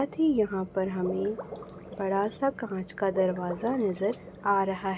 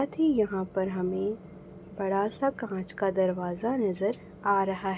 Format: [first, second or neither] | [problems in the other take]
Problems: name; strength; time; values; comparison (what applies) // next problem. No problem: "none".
second | background sound (Water / Liquid); 14 dB below the speech